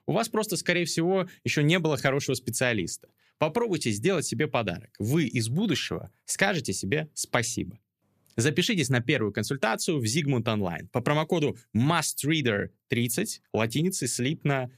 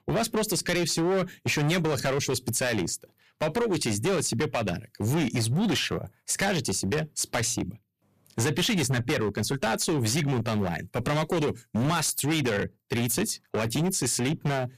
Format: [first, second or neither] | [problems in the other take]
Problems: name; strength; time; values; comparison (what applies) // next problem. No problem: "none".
first | distortion; heavy; 18% of the sound clipped